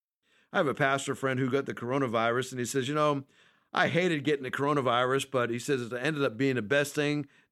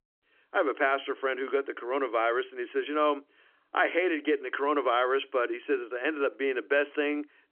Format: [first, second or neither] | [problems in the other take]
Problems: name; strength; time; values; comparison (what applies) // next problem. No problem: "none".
first | phone-call audio; nothing above 3 kHz